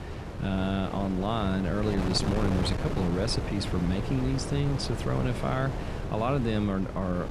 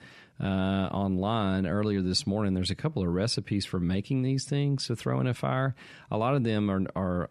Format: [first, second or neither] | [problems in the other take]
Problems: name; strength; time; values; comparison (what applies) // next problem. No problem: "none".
second | wind noise on the microphone; heavy; 5 dB below the speech